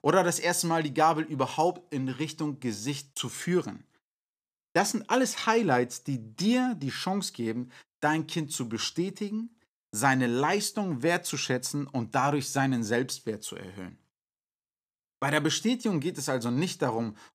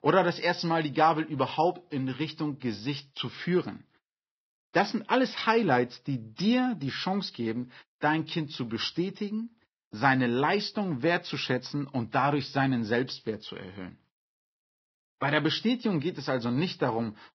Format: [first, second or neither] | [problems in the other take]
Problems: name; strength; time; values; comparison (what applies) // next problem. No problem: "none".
first | garbled, watery; badly; nothing above 5.5 kHz